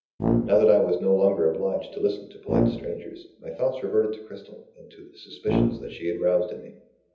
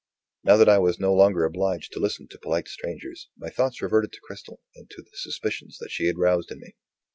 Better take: second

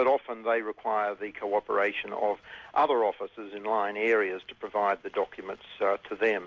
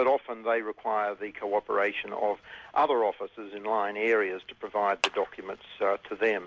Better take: first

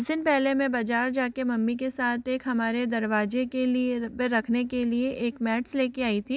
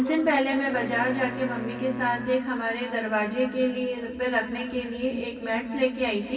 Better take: first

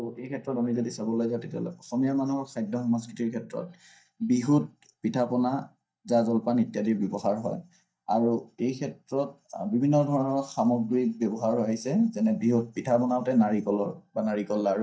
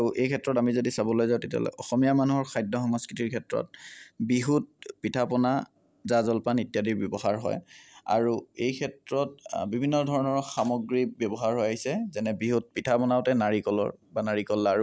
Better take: second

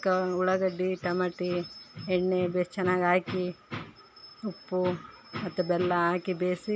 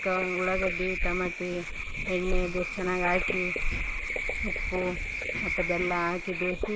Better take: first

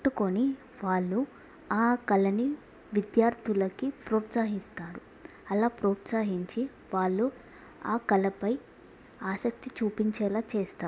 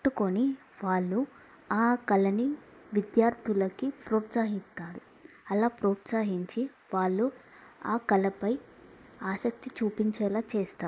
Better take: first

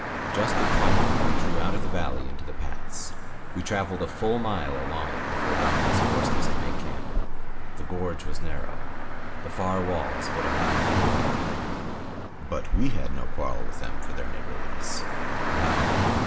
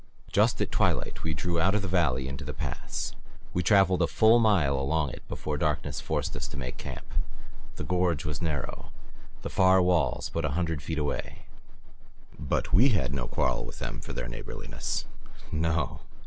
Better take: second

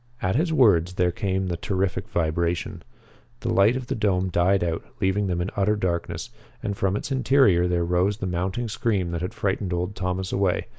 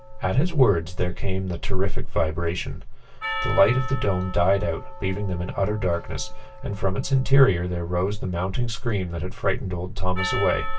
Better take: first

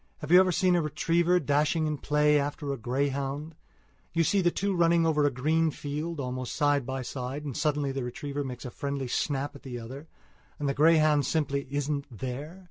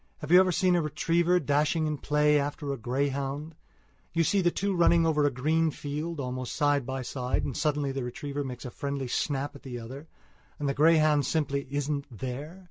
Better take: first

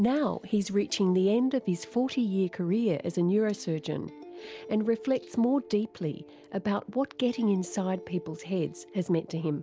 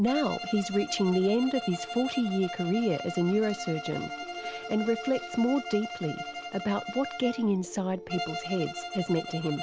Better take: first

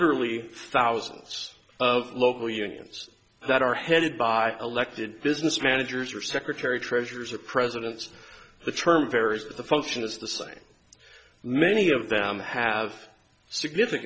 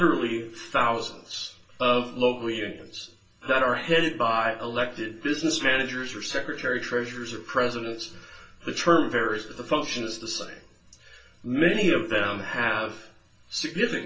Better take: first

